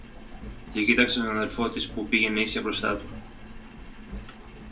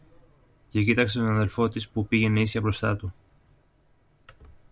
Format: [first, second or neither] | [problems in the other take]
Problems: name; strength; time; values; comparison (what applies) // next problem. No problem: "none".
second | background sound (Engine); 12 dB below the speech // room echo; dies away in 0.2 s